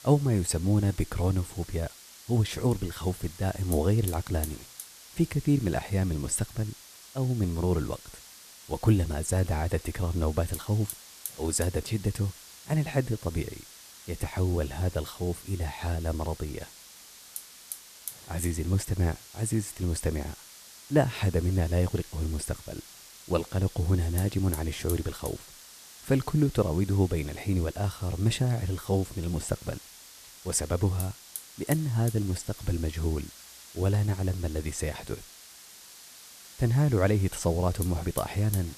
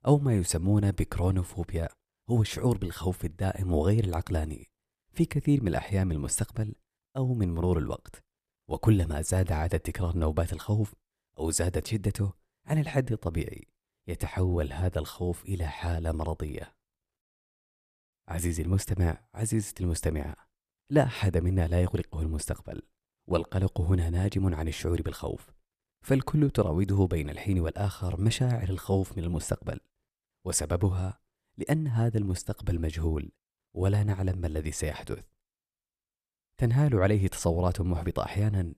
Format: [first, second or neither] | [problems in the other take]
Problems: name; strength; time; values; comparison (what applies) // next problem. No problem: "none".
second | hiss; noticeable; throughout; 15 dB below the speech